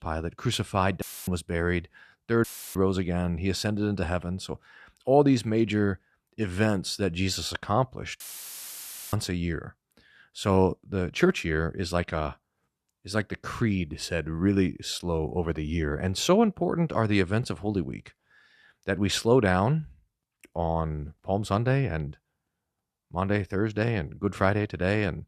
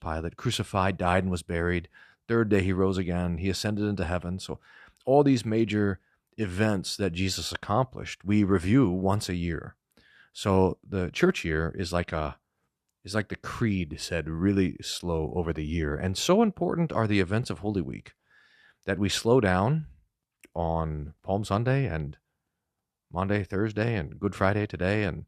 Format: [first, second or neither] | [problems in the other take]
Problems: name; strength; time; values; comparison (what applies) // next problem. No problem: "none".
second | audio cutting out; filled with static; at 1 s, at 2.5 s and at 8 s for 1 s